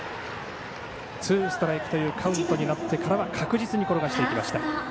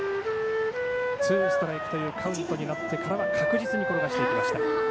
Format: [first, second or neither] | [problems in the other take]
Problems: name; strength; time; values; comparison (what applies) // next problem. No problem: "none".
first | background sound (Wind instrument, woodwind instrument); 3 dB above the speech